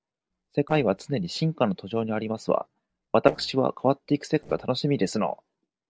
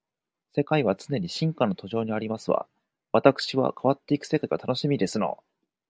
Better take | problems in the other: second | noise reduction (neural separator model SepFormer DNS4)

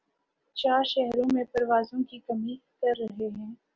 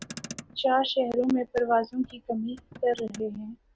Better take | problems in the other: first | background sound (Motor vehicle (road)); 19 dB below the speech

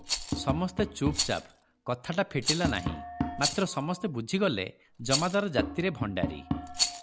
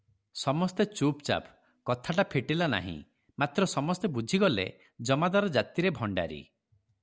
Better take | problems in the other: second | background sound (Tap + Rattle); 3 dB below the speech

